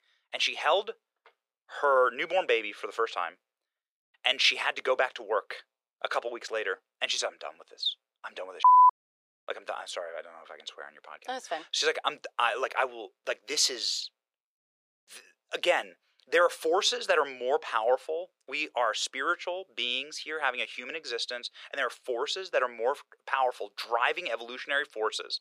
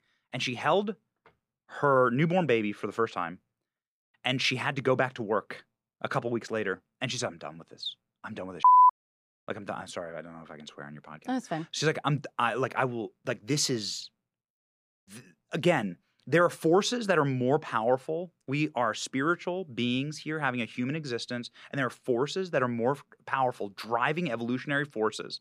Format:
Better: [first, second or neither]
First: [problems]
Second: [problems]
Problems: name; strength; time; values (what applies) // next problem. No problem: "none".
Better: second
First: thin; very; fading below 500 Hz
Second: none